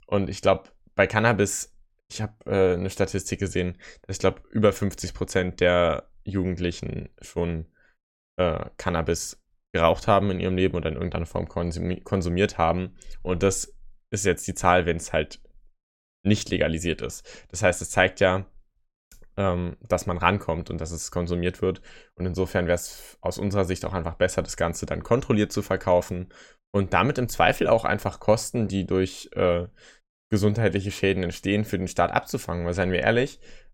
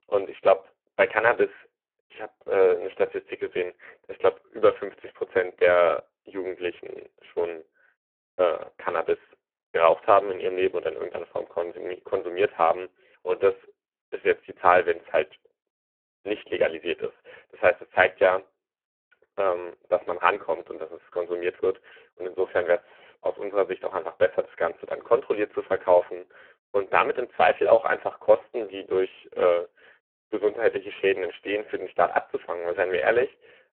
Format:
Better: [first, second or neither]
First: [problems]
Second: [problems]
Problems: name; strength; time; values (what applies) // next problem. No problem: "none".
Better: first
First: none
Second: phone-call audio; poor line